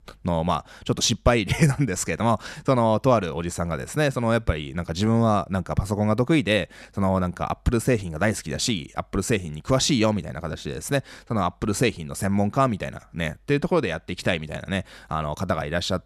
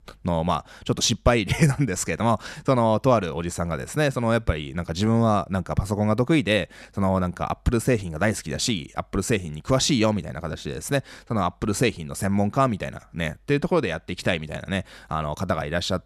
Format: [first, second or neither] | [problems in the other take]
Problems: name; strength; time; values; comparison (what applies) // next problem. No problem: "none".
neither | none